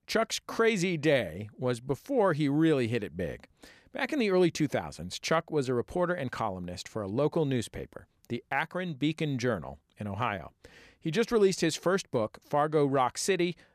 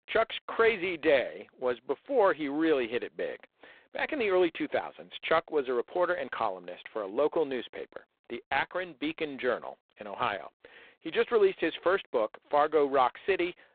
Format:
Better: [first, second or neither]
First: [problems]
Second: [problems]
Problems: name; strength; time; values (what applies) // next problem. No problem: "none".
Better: first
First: none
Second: phone-call audio; poor line; nothing above 4 kHz